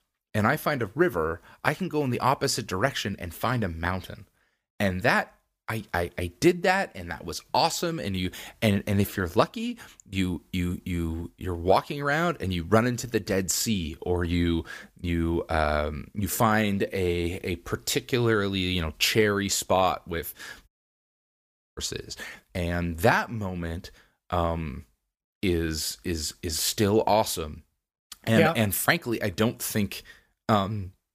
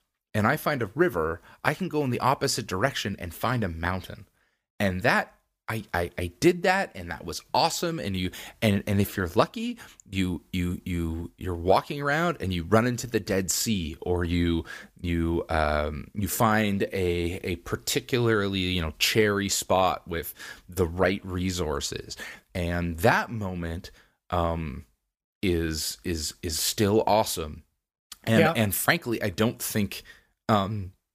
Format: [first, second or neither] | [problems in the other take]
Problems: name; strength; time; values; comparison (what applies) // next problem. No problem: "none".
second | audio cutting out; at 21 s for 1 s